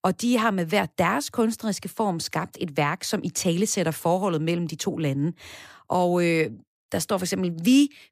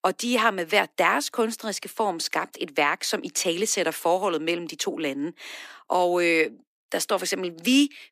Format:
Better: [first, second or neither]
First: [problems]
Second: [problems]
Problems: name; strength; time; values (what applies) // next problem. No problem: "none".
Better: first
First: none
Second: thin; very slightly; fading below 250 Hz